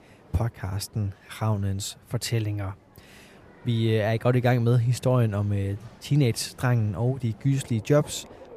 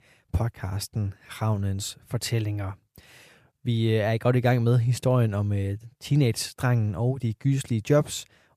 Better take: second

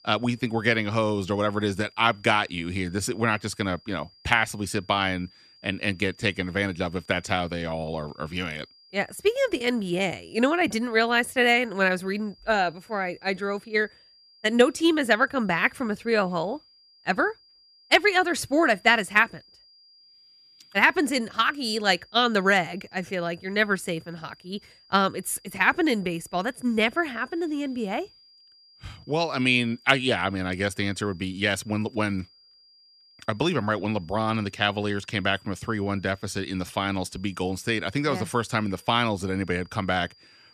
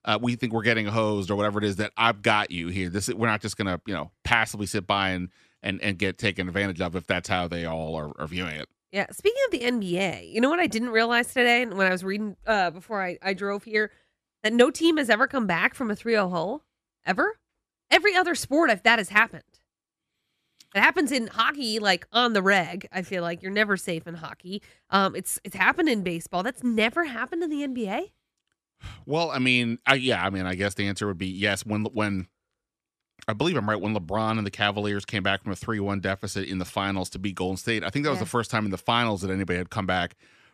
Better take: second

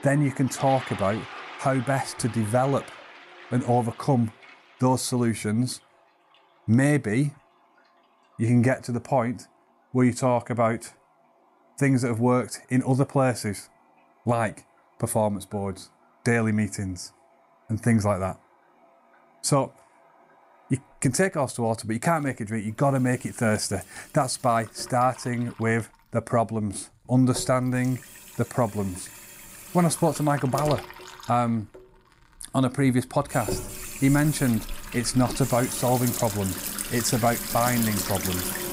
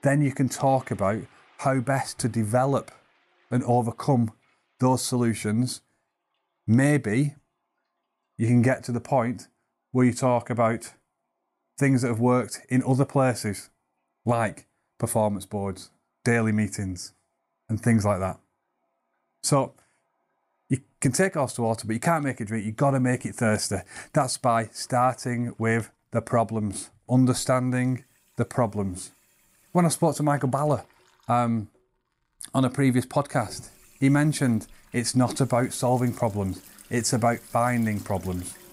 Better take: second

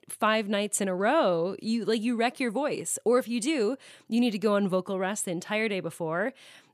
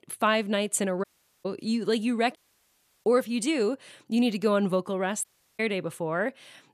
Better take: first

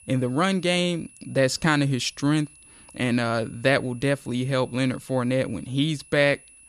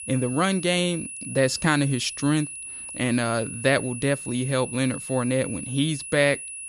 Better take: first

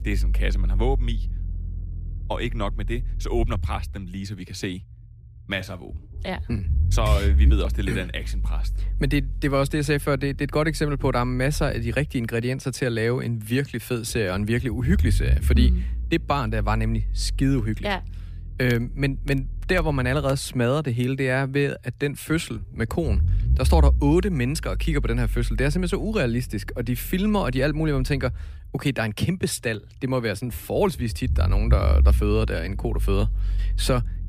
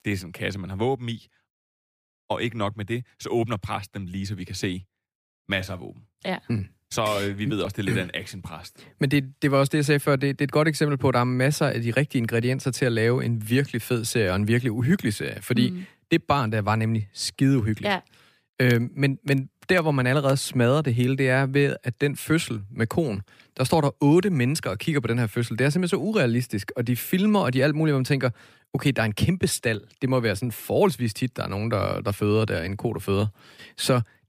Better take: second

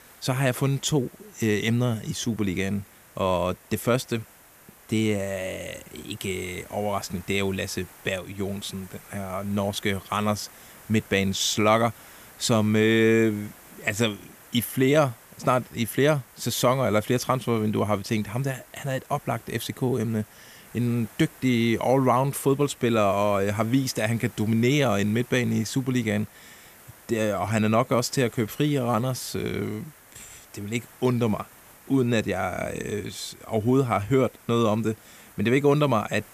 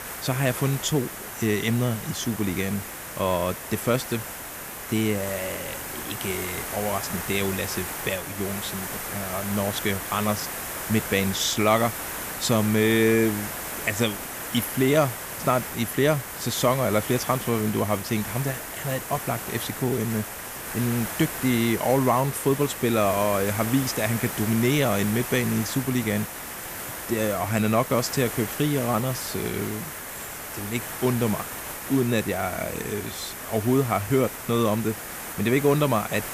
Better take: first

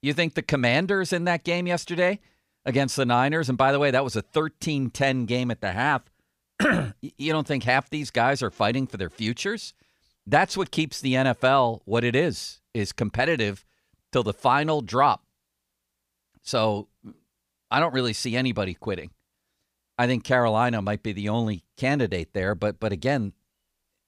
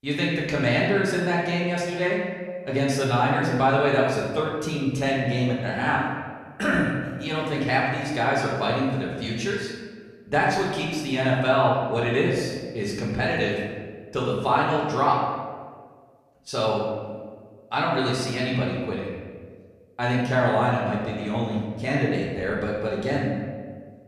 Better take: first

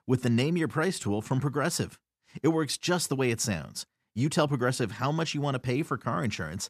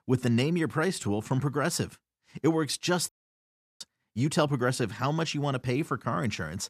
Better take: first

